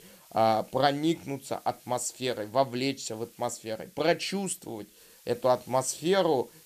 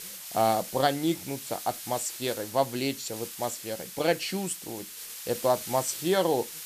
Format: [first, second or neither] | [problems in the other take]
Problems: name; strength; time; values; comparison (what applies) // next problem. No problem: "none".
first | hiss; loud; throughout; 9 dB below the speech; faint in the first